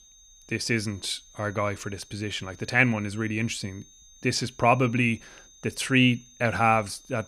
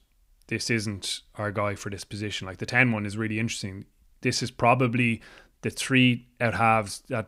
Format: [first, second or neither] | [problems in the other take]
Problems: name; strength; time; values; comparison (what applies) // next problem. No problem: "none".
second | high-pitched whine; faint; throughout; 6.5 kHz, 25 dB below the speech